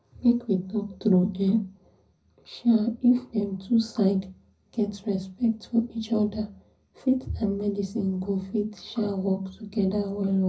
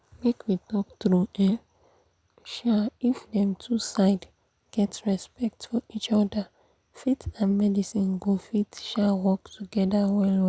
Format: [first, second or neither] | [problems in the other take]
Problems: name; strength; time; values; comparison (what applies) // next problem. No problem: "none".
second | room echo; dies away in 0.4 s